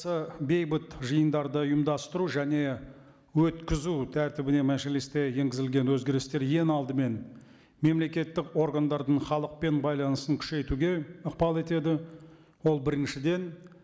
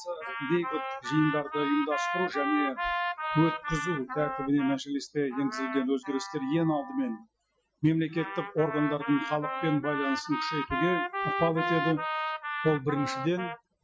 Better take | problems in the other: first | noise reduction (classical method Wiener filter)

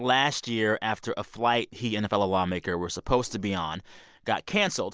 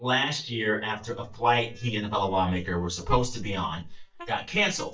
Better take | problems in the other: first | noise reduction (neural mask model DeepFilterNet 3)

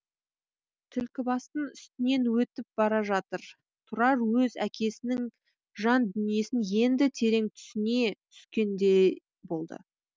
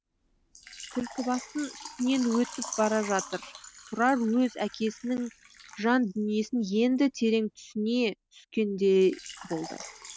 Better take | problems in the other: first | background sound (Water / Liquid); 16 dB below the speech

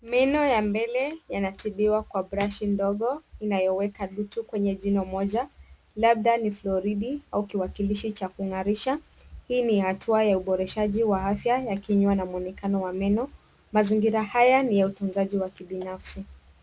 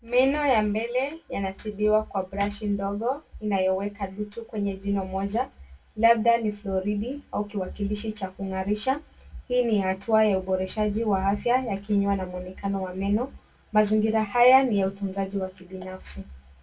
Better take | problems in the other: first | room echo; dies away in 0.1 s

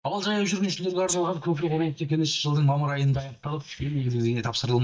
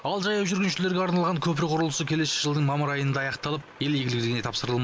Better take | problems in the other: second | noise reduction (neural mask model DeepFilterNet 3)

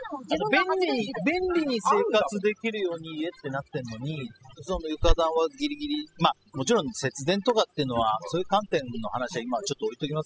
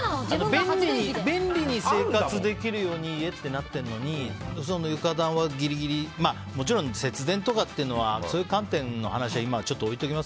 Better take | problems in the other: second | noise reduction (classical method spectral subtraction)

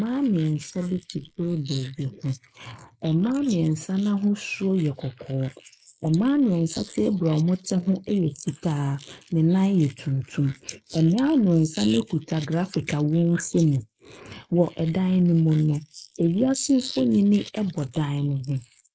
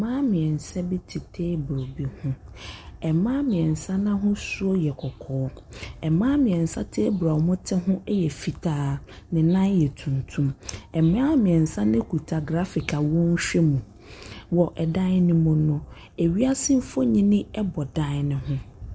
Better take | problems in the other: second | noise reduction (neural mask model Resemble Enhance denoiser)

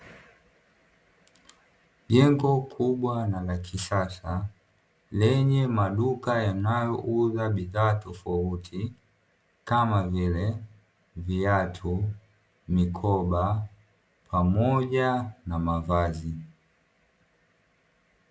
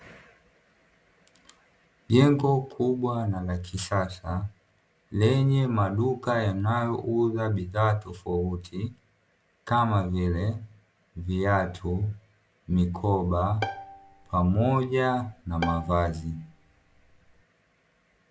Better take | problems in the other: first | background sound (Bowed string instrument); 13 dB below the speech

